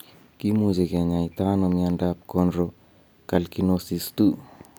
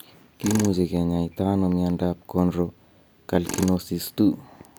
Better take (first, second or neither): first